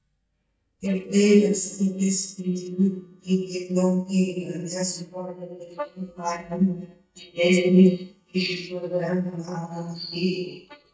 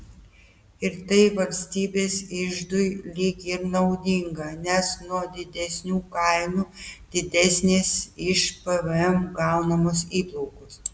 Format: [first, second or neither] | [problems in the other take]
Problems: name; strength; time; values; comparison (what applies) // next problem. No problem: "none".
second | noise reduction (neural mask model DeepFilterNet 3)